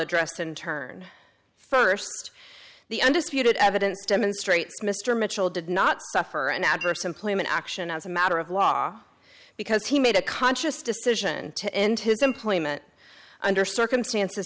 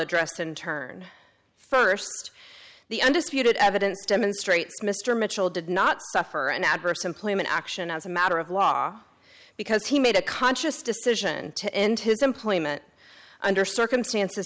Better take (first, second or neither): second